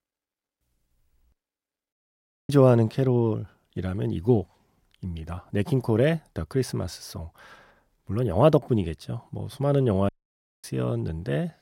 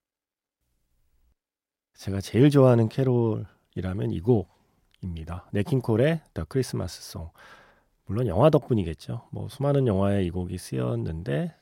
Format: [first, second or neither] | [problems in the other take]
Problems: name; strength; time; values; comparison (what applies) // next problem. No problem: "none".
second | audio cutting out; at 2 s for 0.5 s and at 10 s for 0.5 s